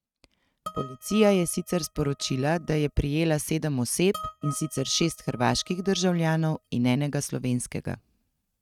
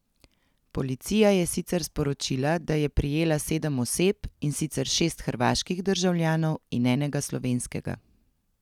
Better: second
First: noise reduction (neural mask model RNNoise)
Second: none

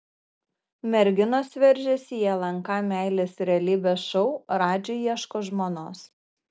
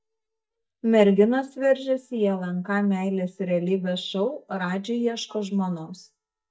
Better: first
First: none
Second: noise reduction (neural mask model DeepFilterNet 3)

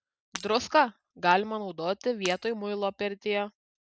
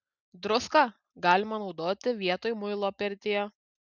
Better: second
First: background sound (Shatter); 19 dB below the speech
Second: none

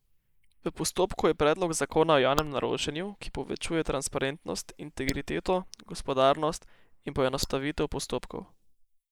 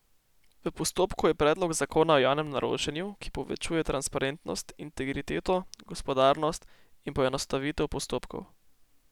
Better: second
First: noise reduction (neural mask model Resemble Enhance denoiser)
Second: none

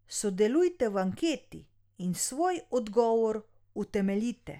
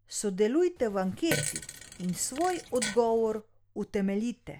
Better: first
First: none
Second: background sound (Fart); 8 dB below the speech

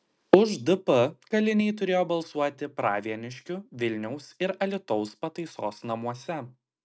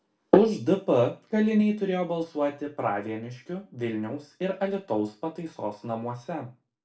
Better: first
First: none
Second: room echo; dies away in 0.3 s

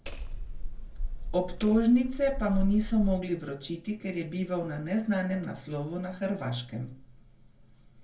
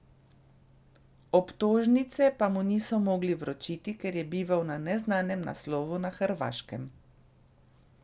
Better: second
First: background sound (Hammer); 3 dB below the speech // room echo; dies away in 0.3 s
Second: none

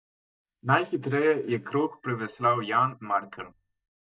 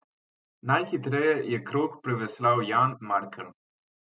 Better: second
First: noise reduction (neural mask model DeepFilterNet 3)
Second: none

